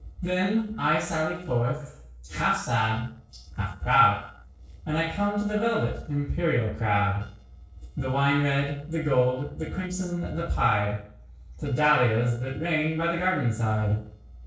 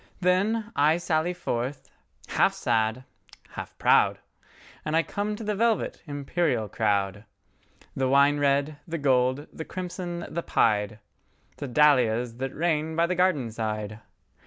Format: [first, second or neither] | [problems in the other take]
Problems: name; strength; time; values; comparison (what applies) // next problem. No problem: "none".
second | noise reduction (neural separator model SepFormer DNS4)